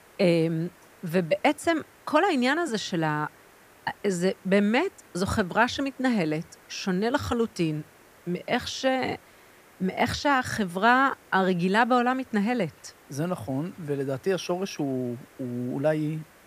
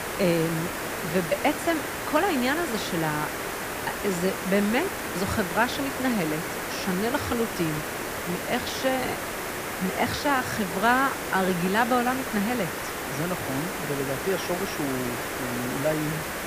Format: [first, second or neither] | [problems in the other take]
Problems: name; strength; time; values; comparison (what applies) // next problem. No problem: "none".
first | hiss; loud; throughout; 3 dB below the speech; faint in the first